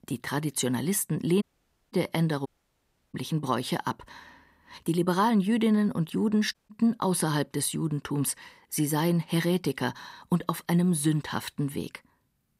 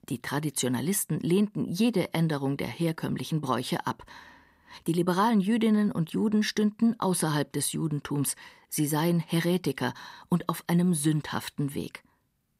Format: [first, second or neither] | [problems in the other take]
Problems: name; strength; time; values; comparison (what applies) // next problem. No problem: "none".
second | audio cutting out; at 1.5 s for 0.5 s, at 2.5 s for 0.5 s and at 6.5 s